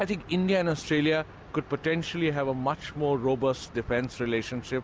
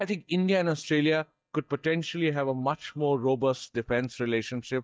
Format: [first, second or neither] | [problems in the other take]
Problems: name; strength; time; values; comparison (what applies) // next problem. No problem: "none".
first | noise reduction (neural mask model DeepFilterNet 3)